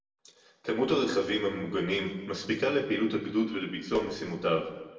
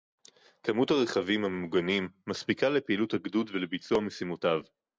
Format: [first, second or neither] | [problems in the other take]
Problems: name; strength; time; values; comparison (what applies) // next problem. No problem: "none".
second | room echo; dies away in 1 s